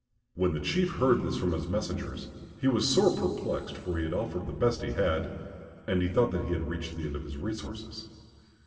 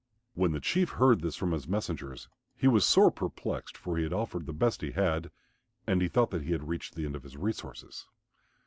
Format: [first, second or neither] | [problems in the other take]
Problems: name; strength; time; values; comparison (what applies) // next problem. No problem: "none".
second | room echo; dies away in 2.7 s